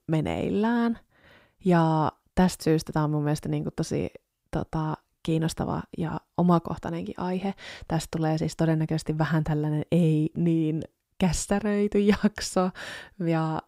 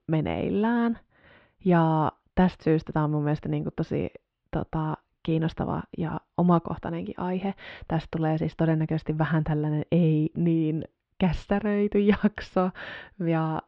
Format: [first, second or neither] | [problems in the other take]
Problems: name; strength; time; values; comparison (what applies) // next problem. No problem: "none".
first | muffled; very; fading above 3.5 kHz